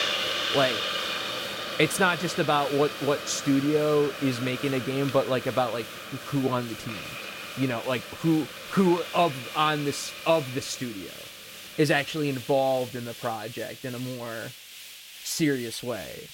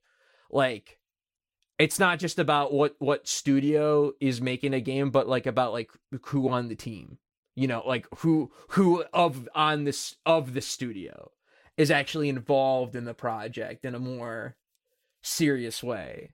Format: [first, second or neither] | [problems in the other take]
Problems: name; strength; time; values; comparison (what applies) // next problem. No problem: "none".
second | hiss; loud; throughout; 7 dB below the speech